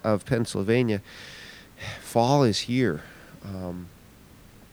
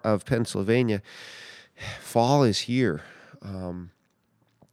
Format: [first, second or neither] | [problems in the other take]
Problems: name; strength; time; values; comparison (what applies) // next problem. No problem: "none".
second | hiss; faint; throughout; 25 dB below the speech